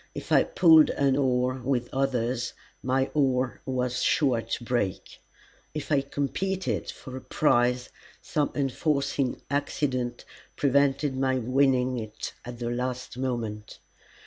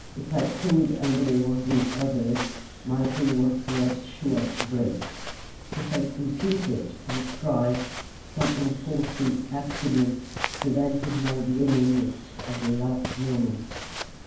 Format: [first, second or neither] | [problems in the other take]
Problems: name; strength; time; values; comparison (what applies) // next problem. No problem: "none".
first | background sound (Walk, footsteps); 10 dB below the speech // room echo; dies away in 0.9 s